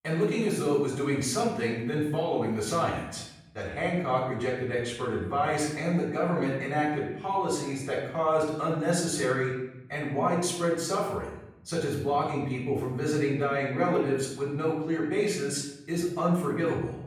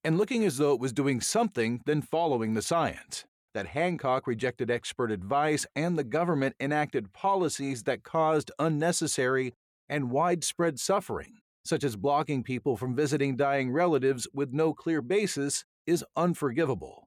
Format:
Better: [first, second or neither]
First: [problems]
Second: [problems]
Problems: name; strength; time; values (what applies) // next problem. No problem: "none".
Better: second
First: off-mic speech; far // room echo; noticeable; dies away in 0.8 s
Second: none